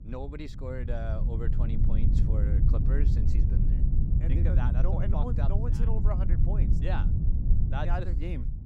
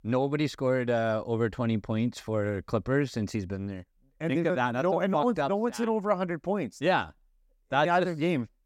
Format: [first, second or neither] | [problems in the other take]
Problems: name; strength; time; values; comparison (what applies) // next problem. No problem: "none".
second | low rumble; loud; throughout; 2 dB below the speech